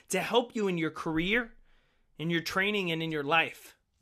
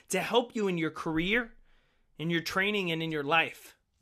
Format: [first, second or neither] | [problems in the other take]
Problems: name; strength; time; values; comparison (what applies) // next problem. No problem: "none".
neither | none